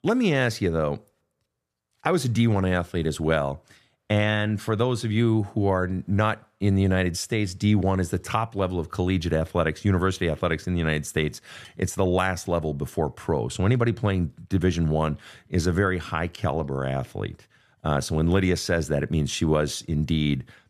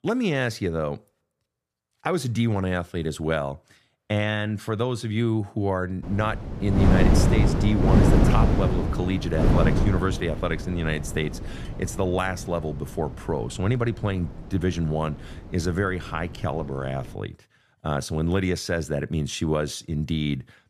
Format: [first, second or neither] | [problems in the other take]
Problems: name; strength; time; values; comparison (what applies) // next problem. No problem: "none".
first | wind noise on the microphone; heavy; from 6 to 17 s; as loud as the speech